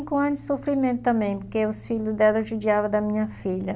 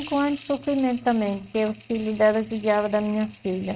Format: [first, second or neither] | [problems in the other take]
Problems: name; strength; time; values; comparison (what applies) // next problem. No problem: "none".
first | noise reduction (neural mask model RNNoise)